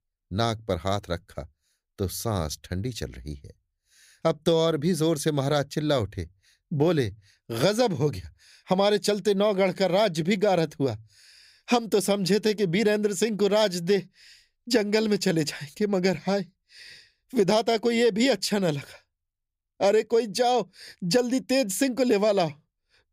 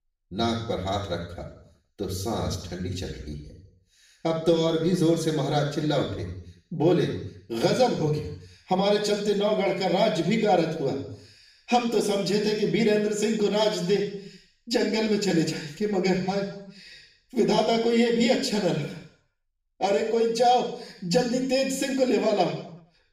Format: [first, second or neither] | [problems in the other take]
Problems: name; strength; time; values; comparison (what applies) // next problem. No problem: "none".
first | room echo; noticeable; dies away in 0.7 s // off-mic speech; far